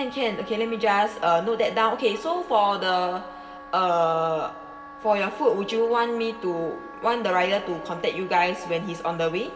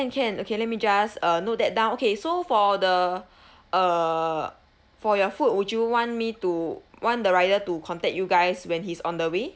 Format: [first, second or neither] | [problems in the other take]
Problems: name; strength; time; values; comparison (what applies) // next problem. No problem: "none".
second | background sound (Wind instrument, woodwind instrument); 17 dB below the speech // room echo; dies away in 2.6 s